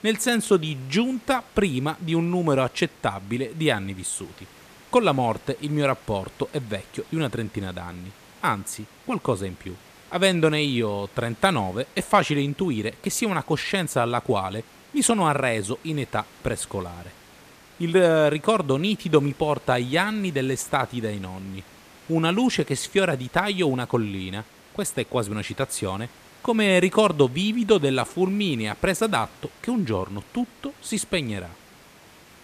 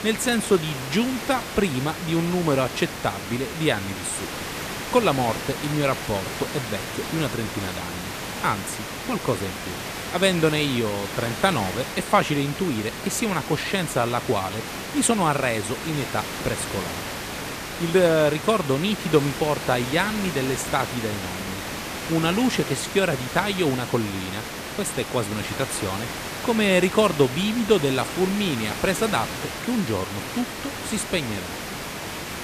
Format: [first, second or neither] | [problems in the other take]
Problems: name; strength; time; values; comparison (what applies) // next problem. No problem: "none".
first | hiss; loud; throughout; 7 dB below the speech; faint in the first